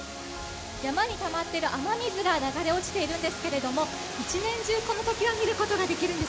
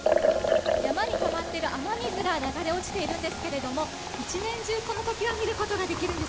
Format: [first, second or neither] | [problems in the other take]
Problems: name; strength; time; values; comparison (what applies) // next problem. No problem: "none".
first | background sound (Liquid); as loud as the speech